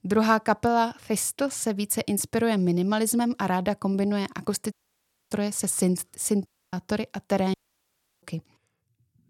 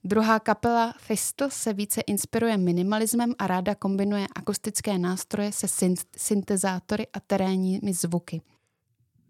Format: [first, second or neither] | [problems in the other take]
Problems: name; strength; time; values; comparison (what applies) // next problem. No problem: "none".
second | audio cutting out; at 4.5 s for 0.5 s, at 6.5 s and at 7.5 s for 0.5 s